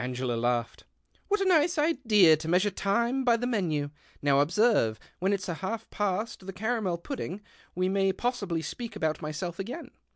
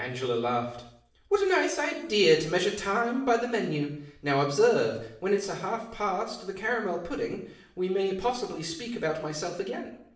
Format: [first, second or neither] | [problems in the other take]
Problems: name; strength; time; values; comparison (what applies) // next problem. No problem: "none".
first | room echo; dies away in 0.6 s